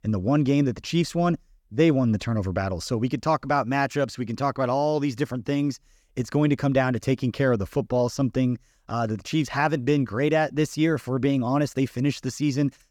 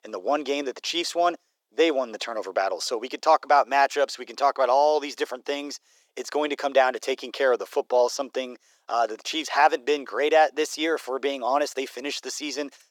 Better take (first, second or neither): first